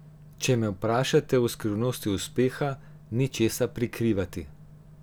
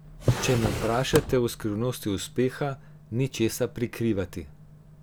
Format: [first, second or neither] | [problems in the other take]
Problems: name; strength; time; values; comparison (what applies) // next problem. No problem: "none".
first | background sound (Drawer open or close); 2 dB below the speech